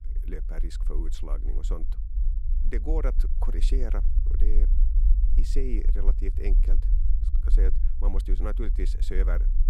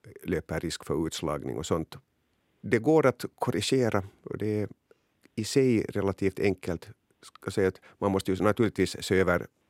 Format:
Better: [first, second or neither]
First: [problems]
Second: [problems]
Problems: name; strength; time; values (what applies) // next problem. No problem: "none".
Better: second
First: low rumble; noticeable; throughout; 10 dB below the speech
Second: none